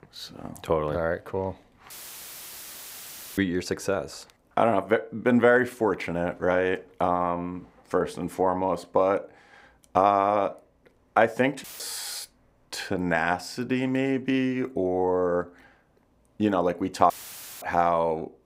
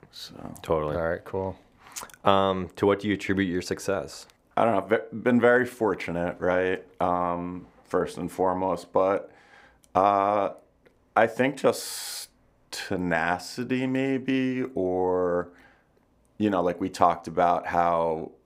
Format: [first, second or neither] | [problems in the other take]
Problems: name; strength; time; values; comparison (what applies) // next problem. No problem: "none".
second | audio cutting out; filled with static; at 2 s for 1.5 s, at 12 s and at 17 s for 0.5 s